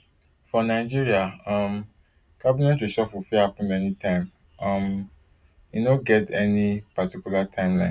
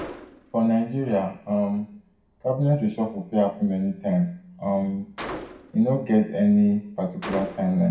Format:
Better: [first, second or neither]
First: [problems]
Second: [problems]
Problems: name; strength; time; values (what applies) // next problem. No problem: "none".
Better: first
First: none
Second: background sound (Gunshot, gunfire); 18 dB below the speech // room echo; dies away in 0.5 s